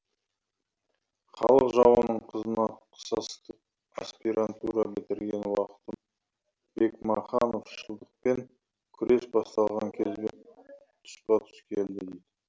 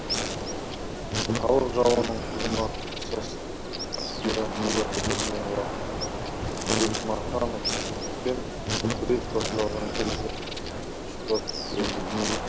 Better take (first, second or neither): first